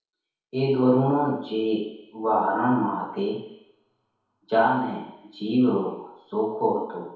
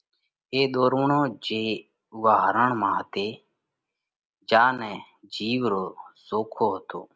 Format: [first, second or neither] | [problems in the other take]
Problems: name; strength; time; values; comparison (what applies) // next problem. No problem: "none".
second | room echo; dies away in 2 s